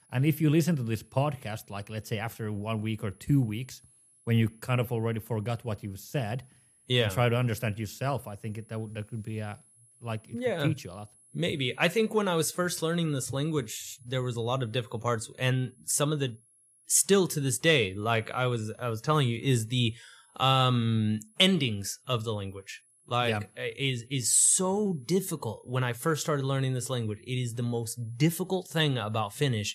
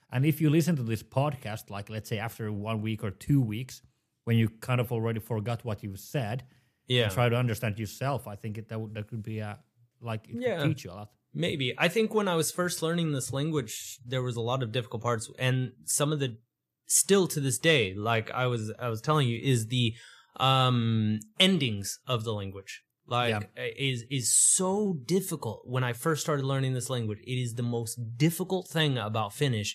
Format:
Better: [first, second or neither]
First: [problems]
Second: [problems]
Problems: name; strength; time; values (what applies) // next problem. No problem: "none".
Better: second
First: high-pitched whine; faint; throughout; 10.5 kHz, 30 dB below the speech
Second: none